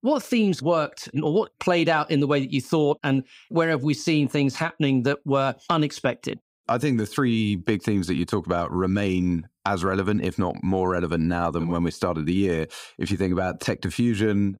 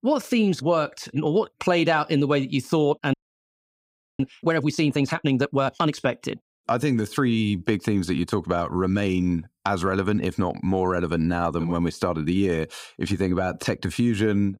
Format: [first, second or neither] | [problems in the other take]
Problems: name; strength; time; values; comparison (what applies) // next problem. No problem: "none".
first | audio freezing; at 3 s for 1 s